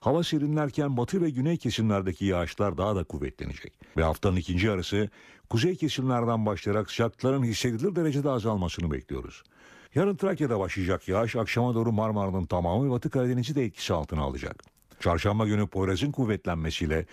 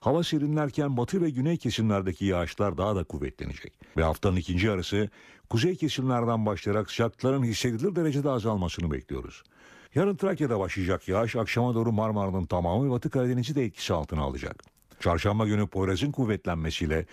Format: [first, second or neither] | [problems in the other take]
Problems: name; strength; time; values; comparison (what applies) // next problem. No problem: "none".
neither | none